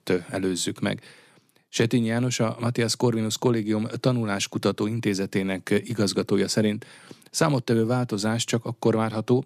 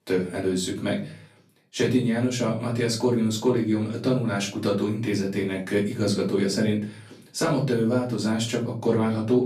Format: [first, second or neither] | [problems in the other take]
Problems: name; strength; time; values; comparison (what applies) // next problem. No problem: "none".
first | off-mic speech; far // room echo; slight; dies away in 0.4 s